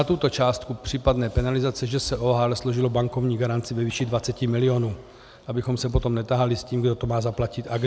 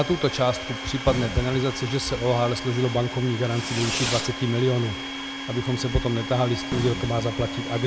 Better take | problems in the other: first | background sound (Domestic sounds, home sounds + Fireworks); 7 dB below the speech

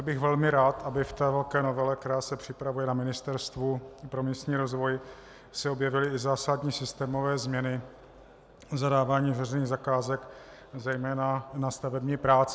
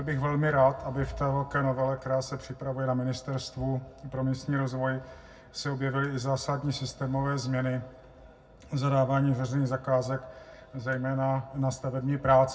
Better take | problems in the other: first | room echo; dies away in 0.4 s

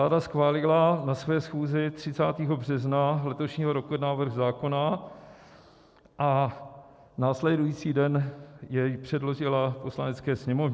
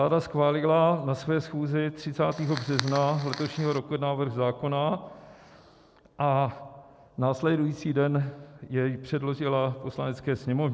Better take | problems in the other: first | background sound (Fire); 11 dB below the speech

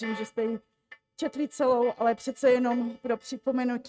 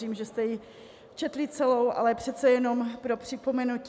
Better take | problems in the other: second | noise reduction (neural mask model RNNoise)

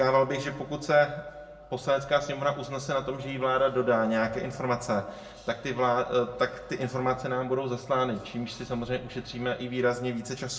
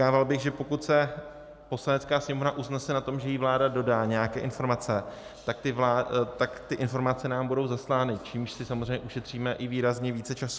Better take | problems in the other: second | room echo; dies away in 0.3 s

